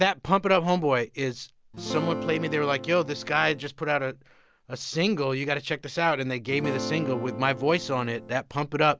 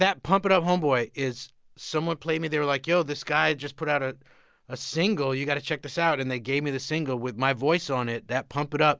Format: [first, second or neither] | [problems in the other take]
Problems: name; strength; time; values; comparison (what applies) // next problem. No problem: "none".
second | background sound (Acoustic guitar / Strum); 9 dB below the speech